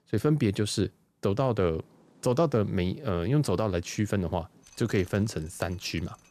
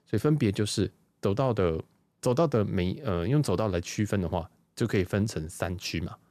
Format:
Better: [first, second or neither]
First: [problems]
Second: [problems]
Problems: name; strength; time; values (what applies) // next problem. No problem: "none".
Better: second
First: rain or running water; faint; from 2 s on; 30 dB below the speech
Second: none